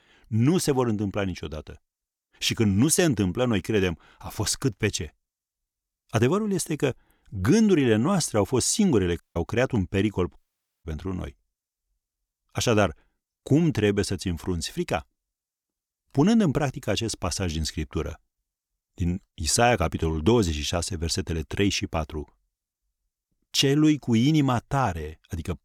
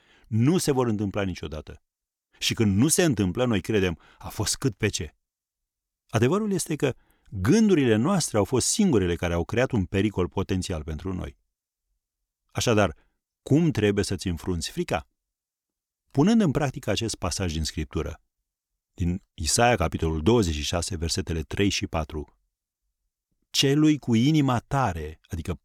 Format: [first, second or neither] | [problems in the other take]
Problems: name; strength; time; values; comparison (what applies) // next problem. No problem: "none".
second | audio cutting out; at 9 s and at 10 s